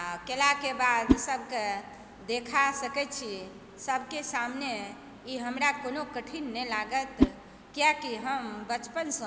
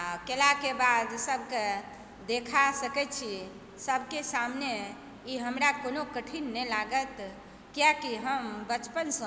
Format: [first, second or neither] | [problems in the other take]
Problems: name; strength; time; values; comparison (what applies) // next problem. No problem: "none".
second | background sound (Whoosh, swoosh, swish); 2 dB below the speech